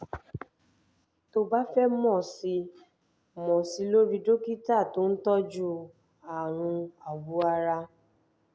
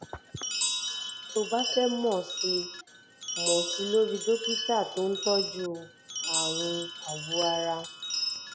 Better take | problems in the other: first | background sound (Chime); 2 dB below the speech

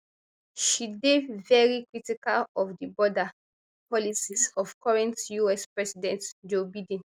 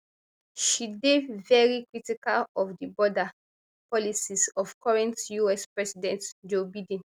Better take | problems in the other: second | noise reduction (neural mask model Resemble Enhance denoiser)

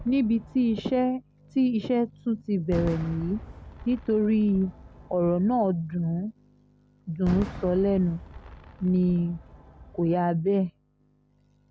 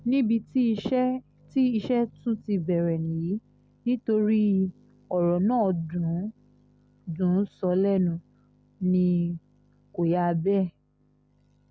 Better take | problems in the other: second | background sound (Fireworks); 16 dB below the speech

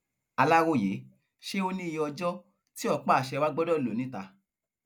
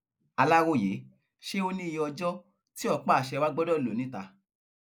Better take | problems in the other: first | noise reduction (neural mask model Resemble Enhance denoiser)

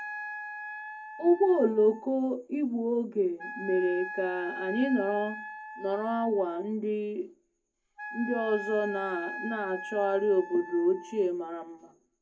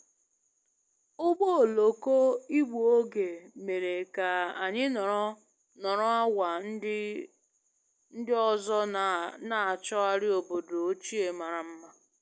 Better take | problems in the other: second | background sound (Wind instrument, woodwind instrument); 12 dB below the speech // room echo; dies away in 0.3 s

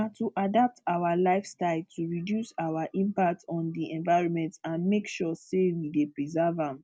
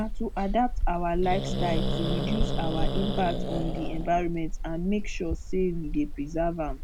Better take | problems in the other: first | background sound (Growling); 1 dB above the speech

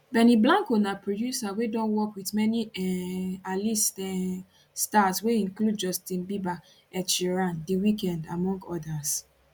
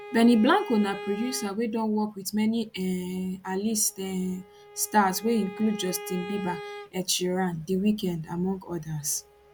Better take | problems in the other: first | background sound (Bowed string instrument); 16 dB below the speech

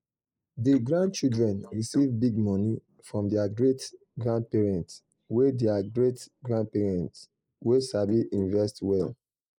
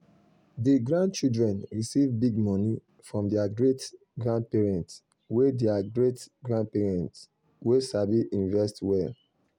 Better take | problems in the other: second | noise reduction (neural mask model Resemble Enhance denoiser)

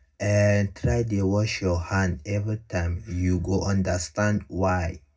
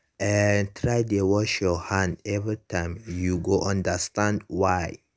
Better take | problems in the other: second | room echo; dies away in 0.4 s

